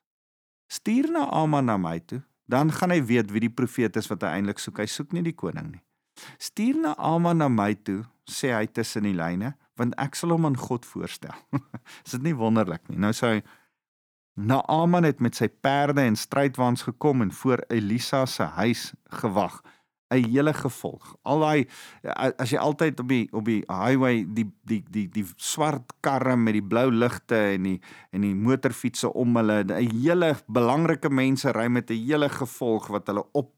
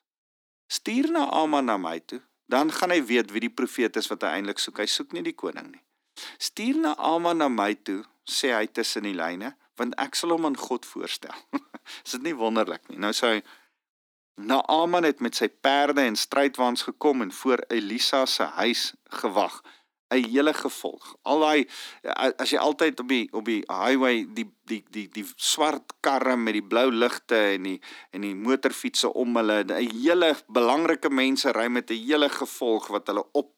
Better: first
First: none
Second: thin; very slightly; fading below 250 Hz

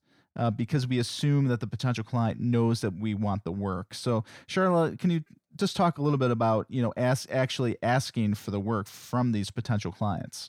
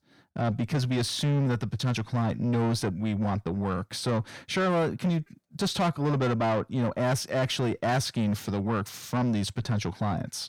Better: first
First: none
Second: distortion; slight; 10 dB below the speech

